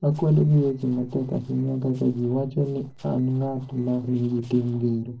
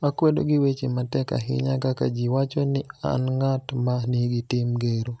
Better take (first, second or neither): second